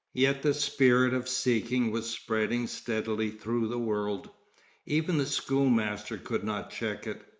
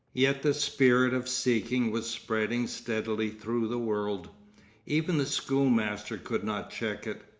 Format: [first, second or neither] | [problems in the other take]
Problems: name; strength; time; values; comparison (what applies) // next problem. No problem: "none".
second | noise reduction (neural mask model Resemble Enhance denoiser)